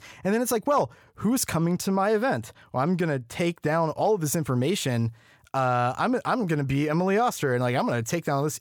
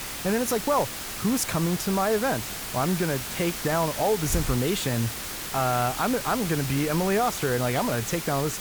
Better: first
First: none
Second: hiss; loud; throughout; 5 dB below the speech

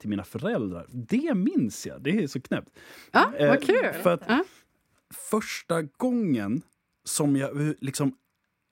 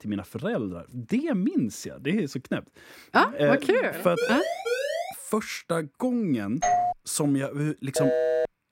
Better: first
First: none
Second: siren; noticeable; at 4 s; peak 1 dB below the speech // doorbell; loud; at 6.5 s; peak 3 dB above the speech // phone ringing; loud; at 8 s; peak 3 dB above the speech

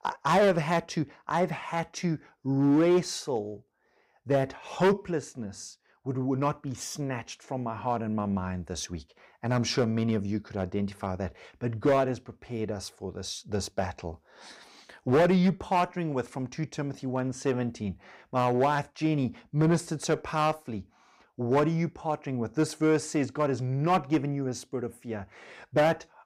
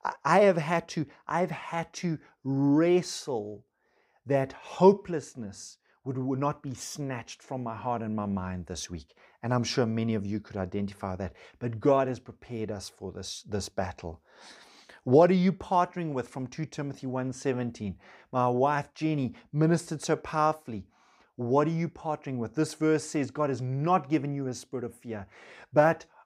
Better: second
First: distortion; slight; 3% of the sound clipped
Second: none

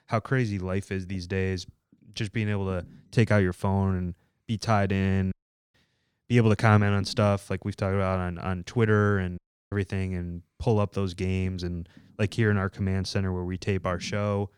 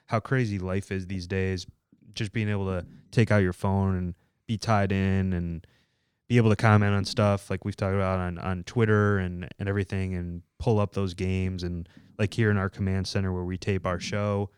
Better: second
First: audio cutting out; at 5.5 s and at 9.5 s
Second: none

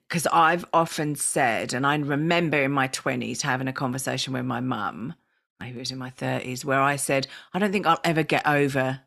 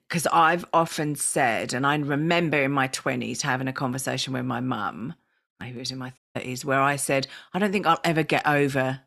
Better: first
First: none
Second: audio cutting out; at 6 s

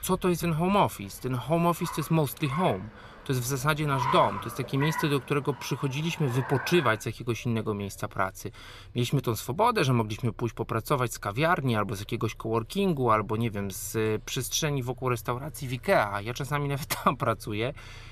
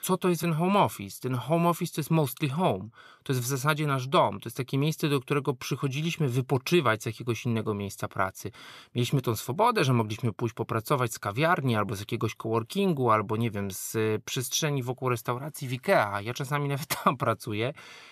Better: second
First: traffic noise; noticeable; throughout; 10 dB below the speech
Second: none

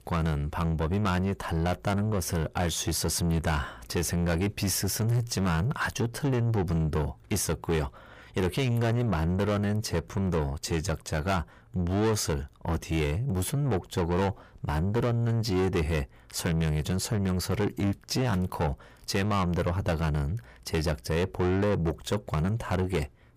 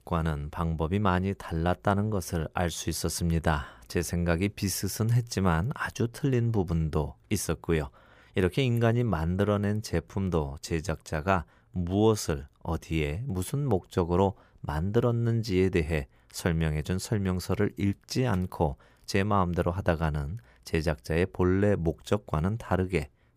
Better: second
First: distortion; heavy; 8 dB below the speech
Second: none

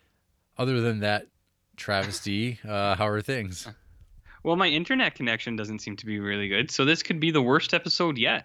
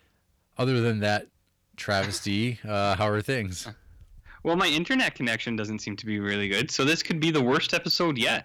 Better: first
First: none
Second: distortion; slight; 10 dB below the speech

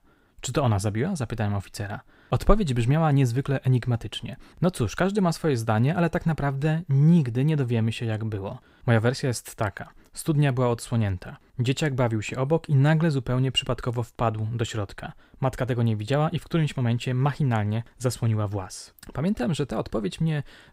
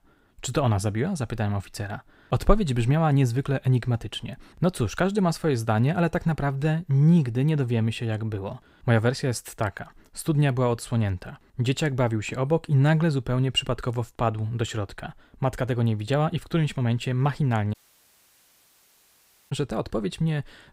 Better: first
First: none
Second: audio cutting out; at 18 s for 2 s

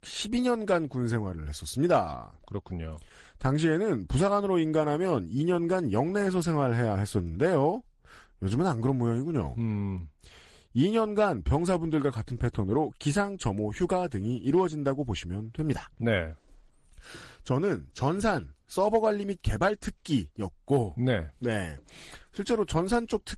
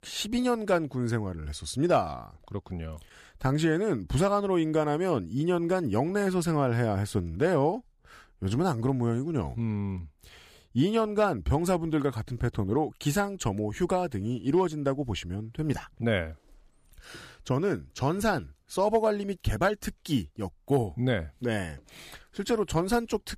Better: second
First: garbled, watery; slightly; nothing above 10.5 kHz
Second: none

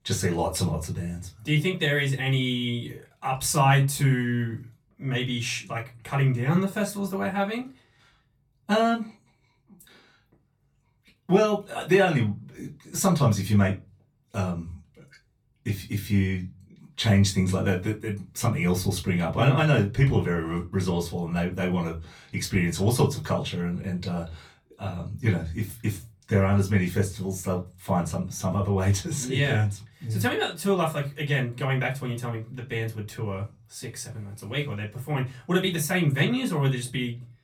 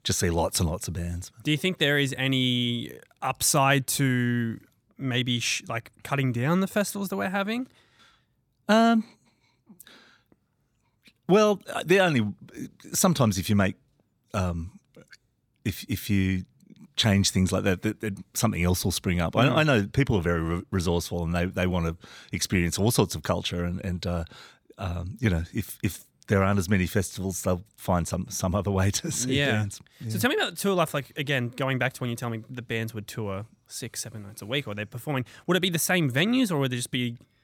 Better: second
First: off-mic speech; far // room echo; very slight; dies away in 0.2 s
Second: none

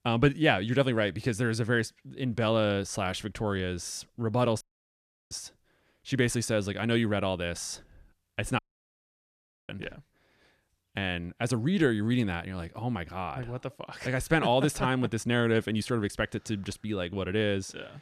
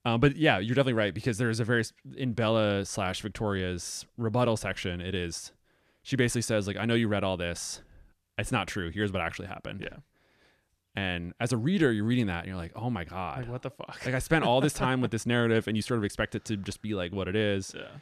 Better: second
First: audio cutting out; at 4.5 s for 0.5 s and at 8.5 s for 1 s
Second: none

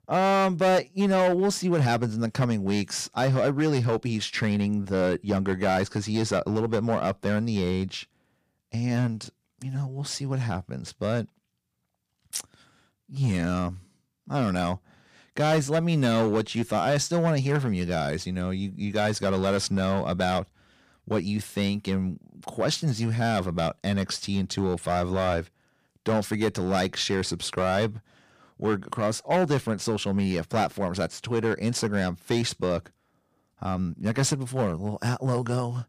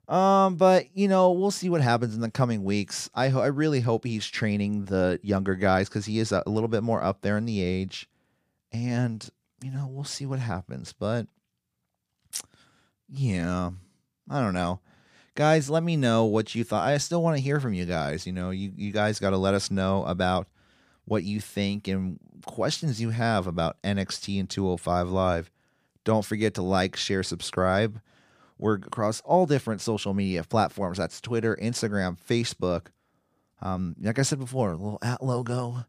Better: second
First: distortion; slight; 5% of the sound clipped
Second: none

